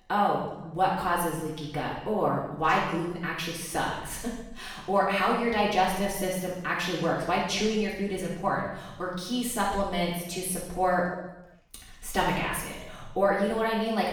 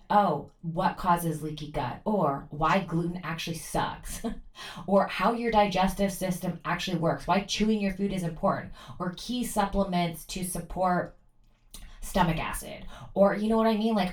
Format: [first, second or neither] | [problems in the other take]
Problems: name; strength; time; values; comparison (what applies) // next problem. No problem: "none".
second | room echo; strong; dies away in 0.8 s; slight in the second // off-mic speech; far; far in the second